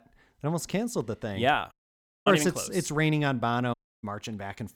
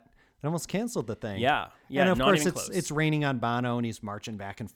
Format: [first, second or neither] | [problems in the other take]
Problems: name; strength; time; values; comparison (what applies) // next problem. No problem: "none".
second | audio cutting out; at 1.5 s for 0.5 s and at 3.5 s